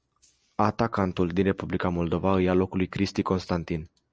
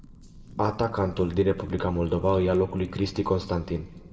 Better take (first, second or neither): first